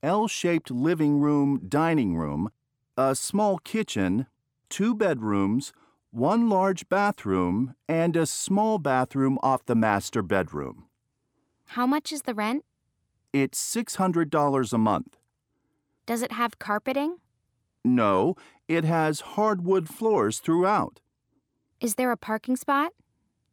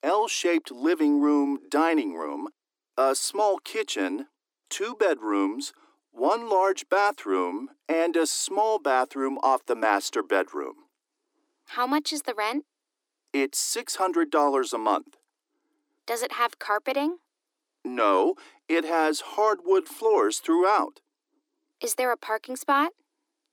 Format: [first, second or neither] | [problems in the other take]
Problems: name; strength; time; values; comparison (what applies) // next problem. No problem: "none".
first | thin; very slightly; fading below 300 Hz